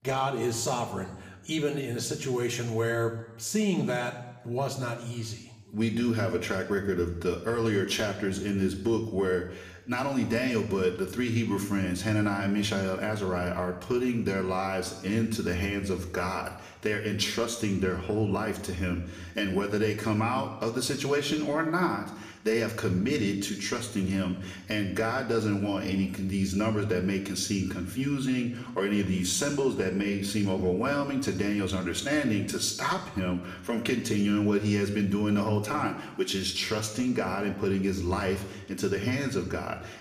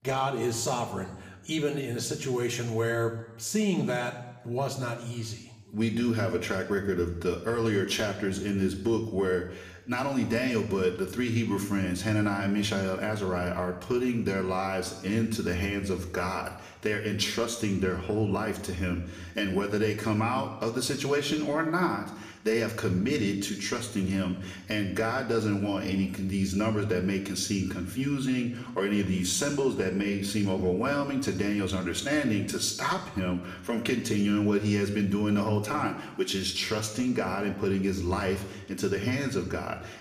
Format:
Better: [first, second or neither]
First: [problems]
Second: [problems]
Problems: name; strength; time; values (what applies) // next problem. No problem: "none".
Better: neither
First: room echo; slight; dies away in 0.8 s // off-mic speech; somewhat distant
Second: room echo; slight; dies away in 0.8 s // off-mic speech; somewhat distant